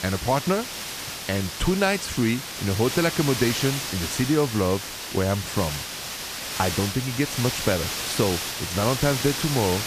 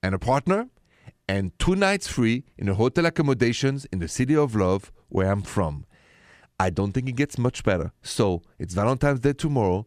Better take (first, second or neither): second